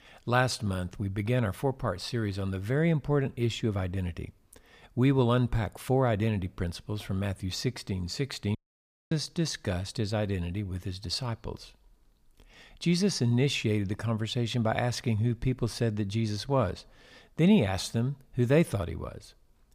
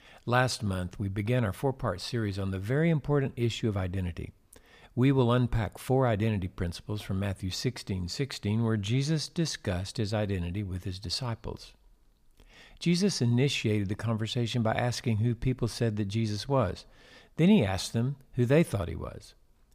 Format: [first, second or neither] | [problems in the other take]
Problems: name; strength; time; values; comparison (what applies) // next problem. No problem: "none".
second | audio cutting out; at 8.5 s for 0.5 s